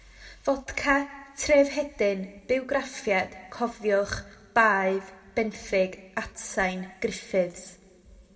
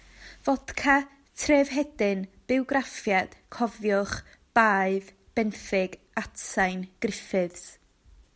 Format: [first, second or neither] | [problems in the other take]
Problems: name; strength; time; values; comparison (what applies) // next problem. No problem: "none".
second | room echo; dies away in 1.1 s